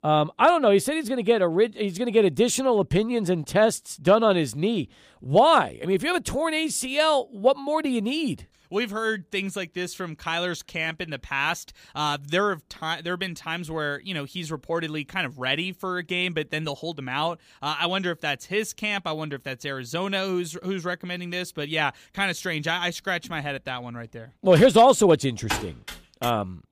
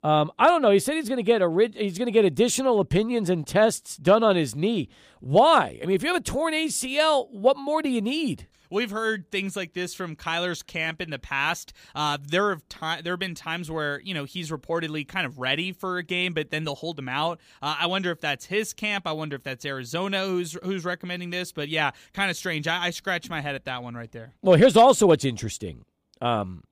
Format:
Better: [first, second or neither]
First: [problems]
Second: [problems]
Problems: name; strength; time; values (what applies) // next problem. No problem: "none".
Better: second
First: keyboard typing; noticeable; from 25 s on; peak 6 dB below the speech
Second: none